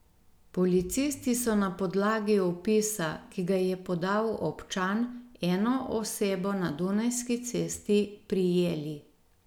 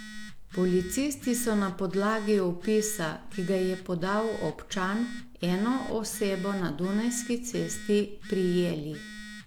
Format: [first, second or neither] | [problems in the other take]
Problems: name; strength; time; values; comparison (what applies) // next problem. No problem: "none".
first | background sound (Telephone); 12 dB below the speech